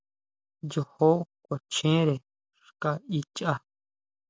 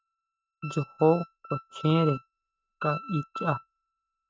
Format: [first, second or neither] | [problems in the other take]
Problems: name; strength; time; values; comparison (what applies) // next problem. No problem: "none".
first | noise reduction (neural mask model RNNoise)